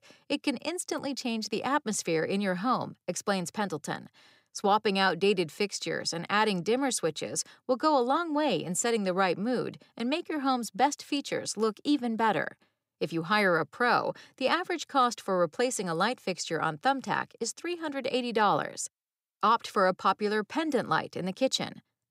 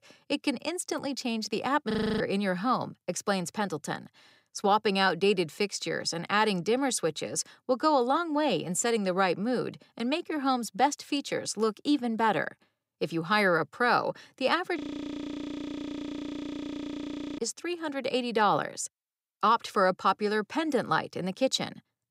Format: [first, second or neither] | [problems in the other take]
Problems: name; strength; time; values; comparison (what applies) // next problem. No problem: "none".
first | audio freezing; at 2 s and at 15 s for 2.5 s